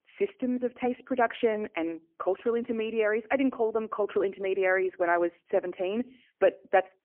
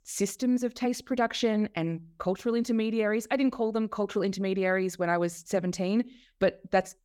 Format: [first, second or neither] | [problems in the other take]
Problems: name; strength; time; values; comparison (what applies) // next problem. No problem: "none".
second | phone-call audio; poor line